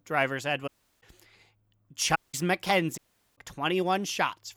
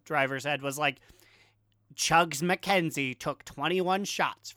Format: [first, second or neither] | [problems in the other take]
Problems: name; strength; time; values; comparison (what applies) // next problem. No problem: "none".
second | audio cutting out; at 0.5 s, at 2 s and at 3 s